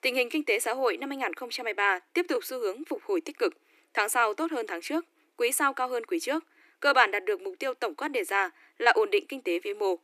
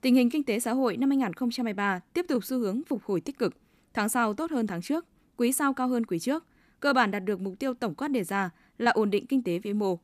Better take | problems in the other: second | thin; very; fading below 300 Hz

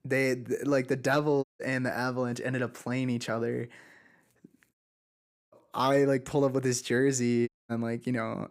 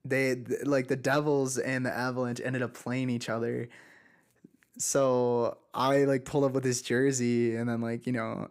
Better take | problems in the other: second | audio cutting out; at 1.5 s, at 4.5 s for 1 s and at 7.5 s

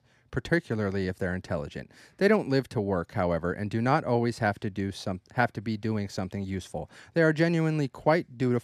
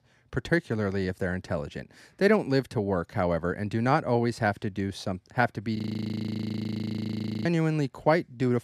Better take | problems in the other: first | audio freezing; at 6 s for 1.5 s

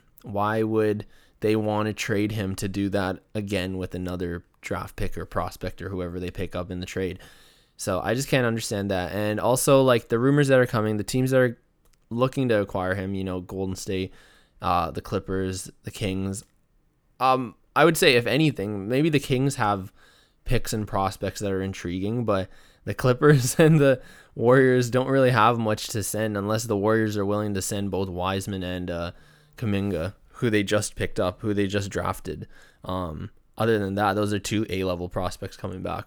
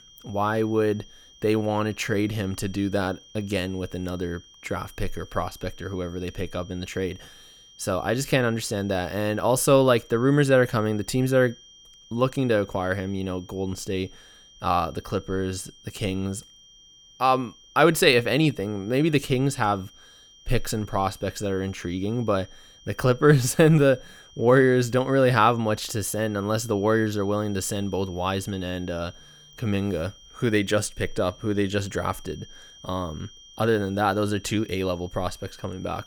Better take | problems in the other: first | high-pitched whine; faint; throughout; 3 kHz, 25 dB below the speech

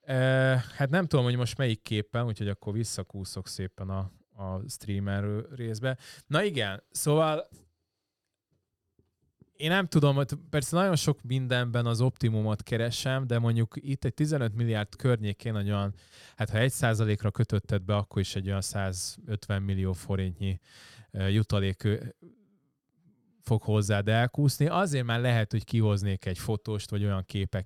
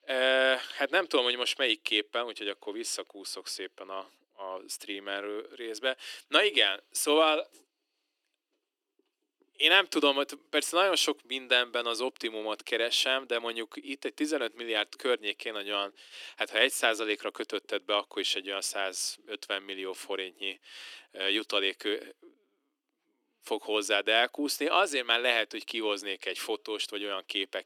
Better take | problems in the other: first | thin; very; fading below 300 Hz

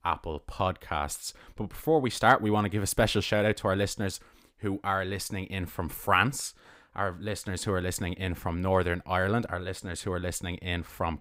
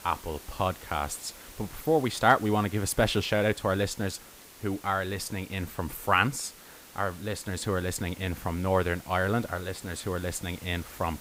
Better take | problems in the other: first | hiss; noticeable; throughout; 20 dB below the speech

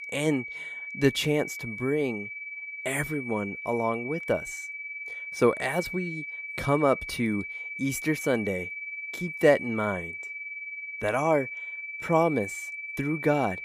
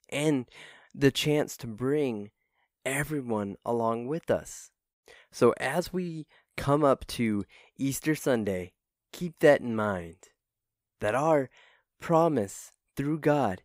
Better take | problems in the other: second | high-pitched whine; loud; throughout; 2.5 kHz, 7 dB below the speech

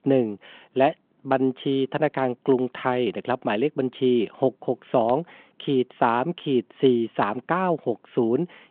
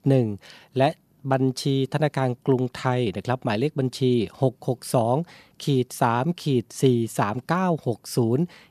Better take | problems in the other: second | phone-call audio

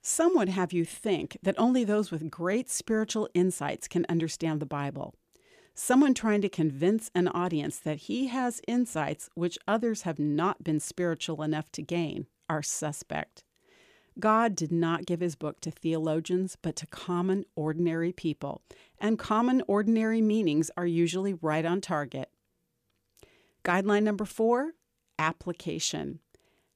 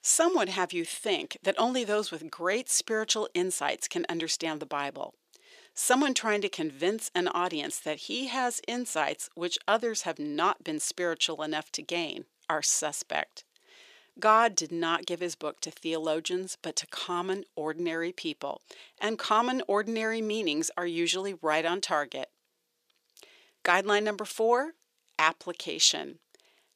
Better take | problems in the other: first | thin; somewhat; fading below 450 Hz

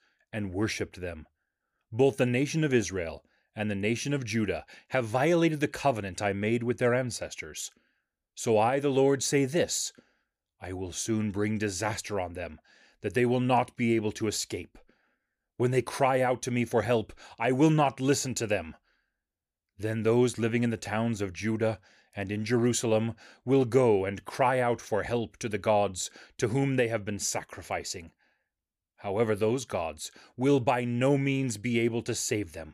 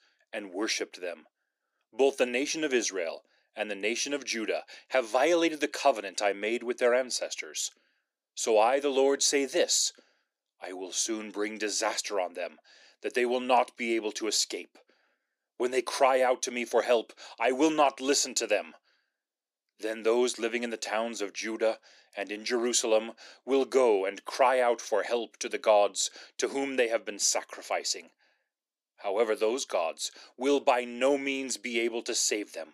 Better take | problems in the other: first | thin; somewhat; fading below 250 Hz

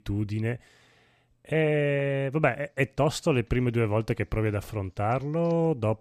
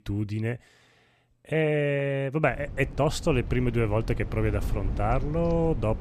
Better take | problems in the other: first | low rumble; noticeable; from 2.5 s on; 20 dB below the speech

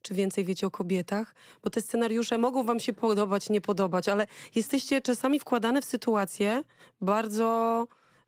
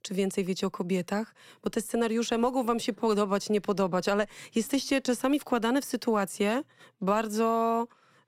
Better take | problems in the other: second | garbled, watery; slightly; nothing above 17.5 kHz

